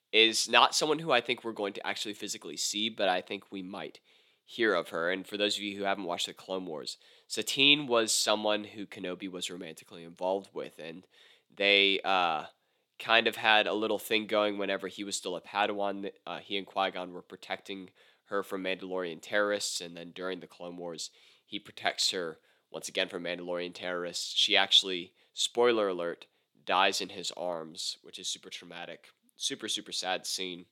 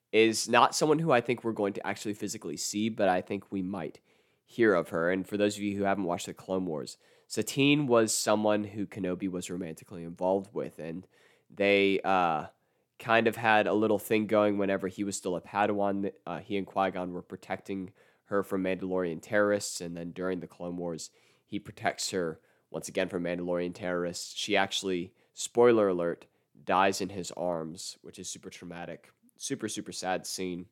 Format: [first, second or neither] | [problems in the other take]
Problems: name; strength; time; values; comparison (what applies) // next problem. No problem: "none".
second | thin; very slightly; fading below 450 Hz